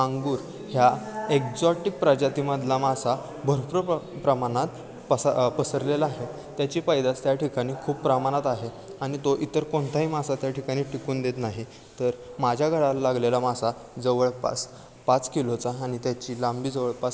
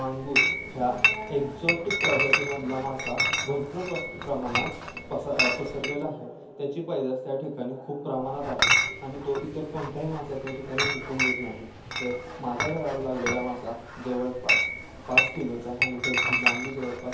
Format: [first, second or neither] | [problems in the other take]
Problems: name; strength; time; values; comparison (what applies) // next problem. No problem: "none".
first | background sound (Chatter / Chink, clink); 2 dB above the speech // room echo; dies away in 0.5 s